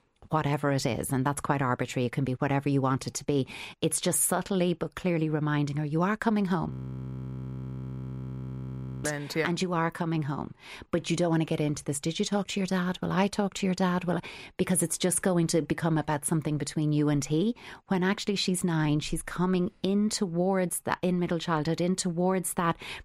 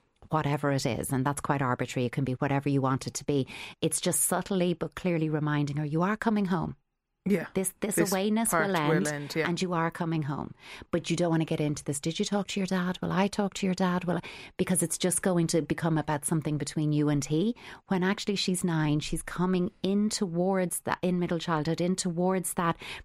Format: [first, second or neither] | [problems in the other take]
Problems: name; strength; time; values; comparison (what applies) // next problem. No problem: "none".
second | audio freezing; at 6.5 s for 2.5 s